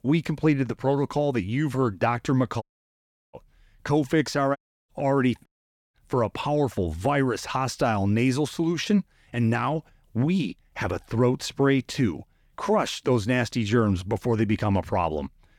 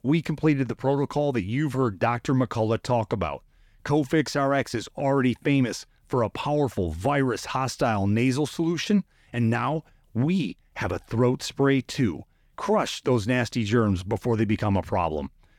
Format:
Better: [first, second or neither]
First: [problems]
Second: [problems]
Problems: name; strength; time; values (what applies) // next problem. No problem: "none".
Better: second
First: audio cutting out; at 2.5 s for 0.5 s, at 4.5 s and at 5.5 s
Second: none